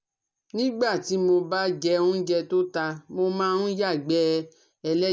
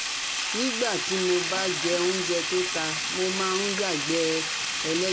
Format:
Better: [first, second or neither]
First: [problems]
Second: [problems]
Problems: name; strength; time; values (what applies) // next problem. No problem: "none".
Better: first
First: none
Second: background sound (Sink (filling or washing)); as loud as the speech